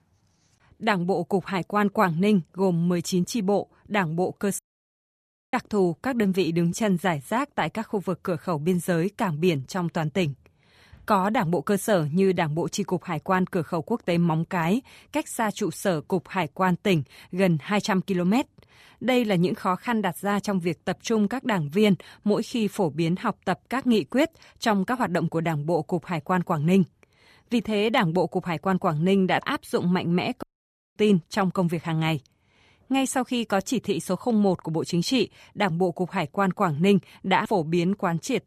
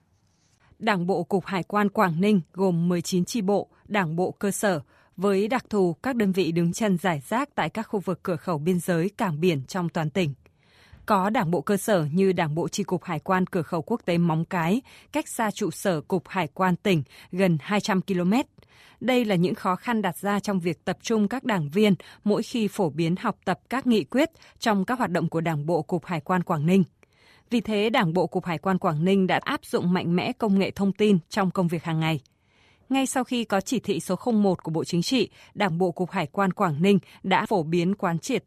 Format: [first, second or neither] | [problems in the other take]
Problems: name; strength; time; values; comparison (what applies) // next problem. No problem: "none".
second | audio cutting out; at 4.5 s for 1 s and at 30 s for 0.5 s